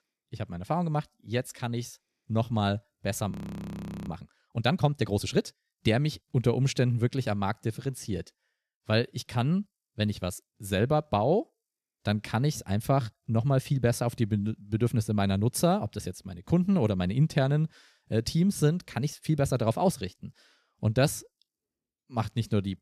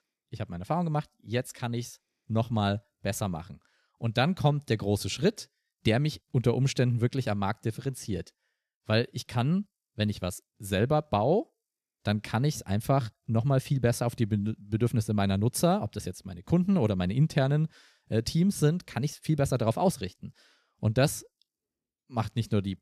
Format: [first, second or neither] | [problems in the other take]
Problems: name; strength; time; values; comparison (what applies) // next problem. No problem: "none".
second | audio freezing; at 3.5 s for 1 s